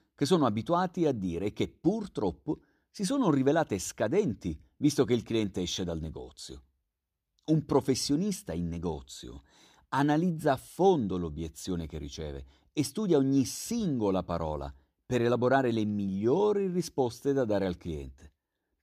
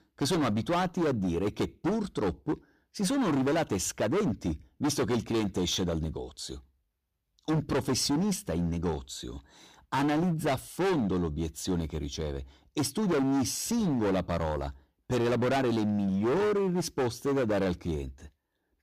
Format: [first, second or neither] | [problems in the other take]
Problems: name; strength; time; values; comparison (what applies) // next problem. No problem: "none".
first | distortion; heavy; 18% of the sound clipped